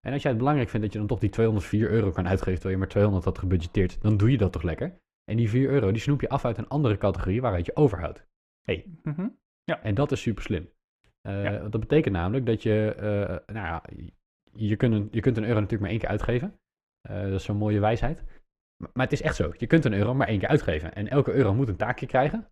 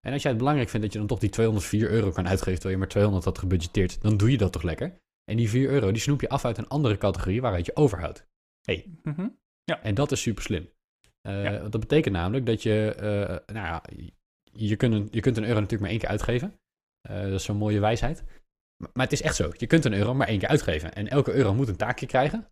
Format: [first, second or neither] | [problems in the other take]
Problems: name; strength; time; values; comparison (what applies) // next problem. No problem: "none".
second | muffled; slightly; fading above 3.5 kHz